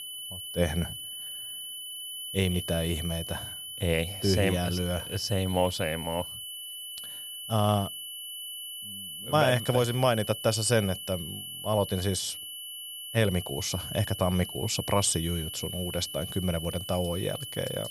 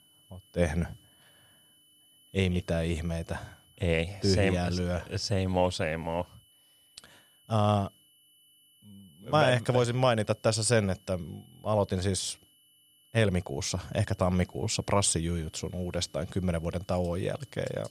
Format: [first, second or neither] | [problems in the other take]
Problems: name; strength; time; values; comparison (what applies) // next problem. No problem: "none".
second | high-pitched whine; loud; throughout; 3 kHz, 7 dB below the speech; faint in the second